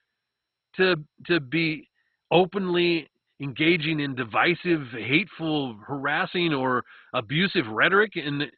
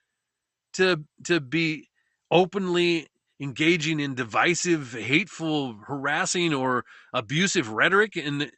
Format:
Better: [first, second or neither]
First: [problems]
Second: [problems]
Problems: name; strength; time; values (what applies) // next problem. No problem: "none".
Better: second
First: garbled, watery; badly; nothing above 4 kHz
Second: garbled, watery; slightly; nothing above 8 kHz